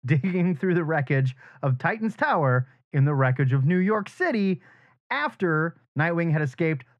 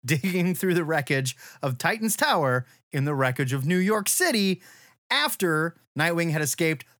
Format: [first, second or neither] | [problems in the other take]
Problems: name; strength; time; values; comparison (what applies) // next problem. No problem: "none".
second | muffled; very; fading above 1.5 kHz